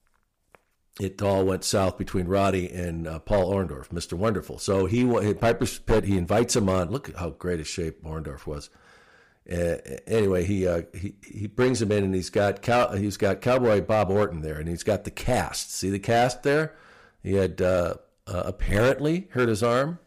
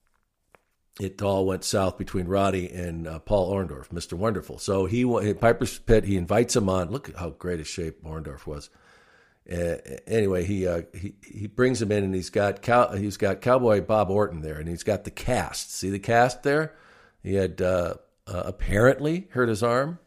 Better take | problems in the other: second | distortion; slight; 4% of the sound clipped

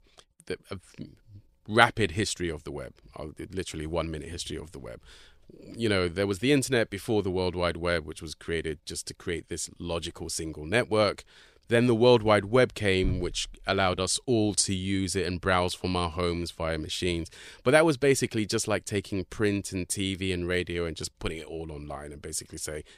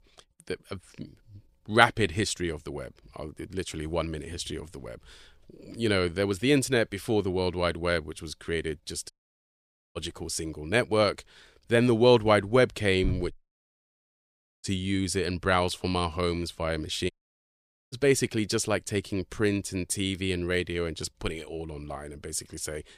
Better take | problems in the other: first | audio cutting out; at 9 s for 1 s, at 13 s for 1.5 s and at 17 s for 1 s

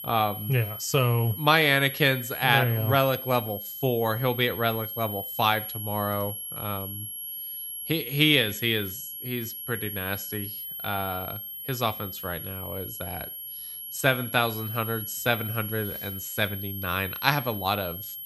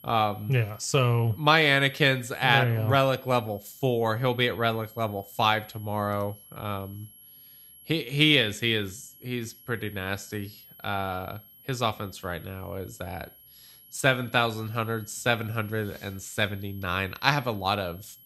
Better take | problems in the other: second | high-pitched whine; loud; throughout; 11.5 kHz, 8 dB below the speech; faint in the second

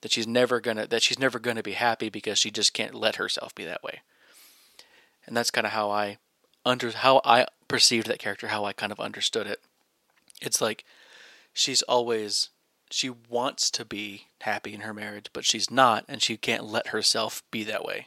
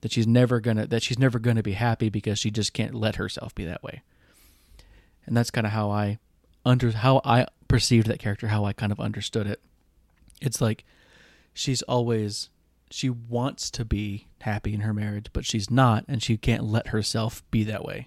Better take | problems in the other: second | thin; very; fading below 500 Hz

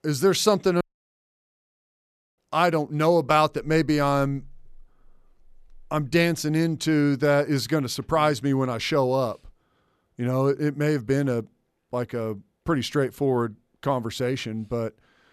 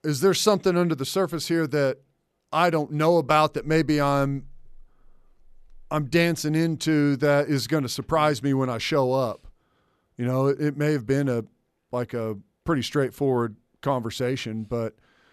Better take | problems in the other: second | audio cutting out; at 1 s for 1.5 s

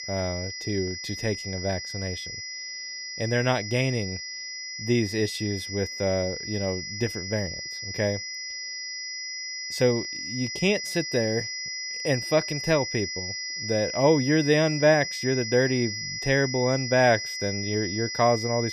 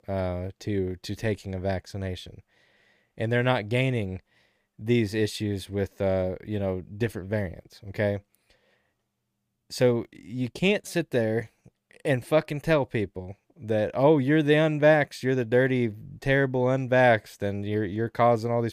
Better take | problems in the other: second | high-pitched whine; loud; throughout; 5 kHz, 5 dB below the speech

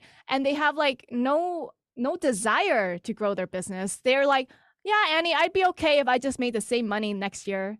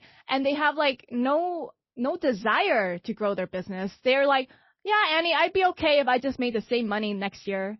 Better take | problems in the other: first | garbled, watery; slightly; nothing above 5.5 kHz

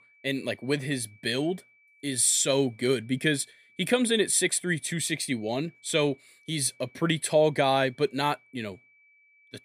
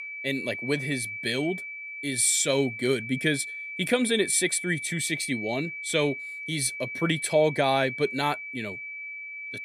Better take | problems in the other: first | high-pitched whine; loud; throughout; 2.5 kHz, 8 dB below the speech; faint in the first

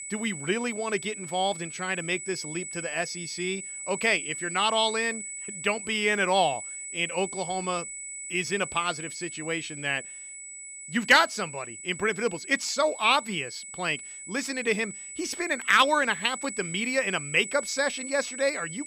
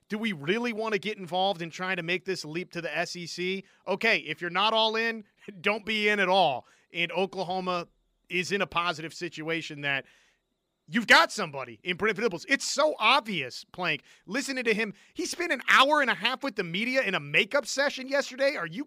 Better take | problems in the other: second | high-pitched whine; loud; throughout; 8 kHz, 9 dB below the speech

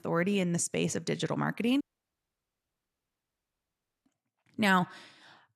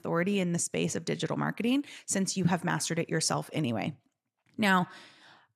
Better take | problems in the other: second | audio cutting out; at 2 s for 2 s

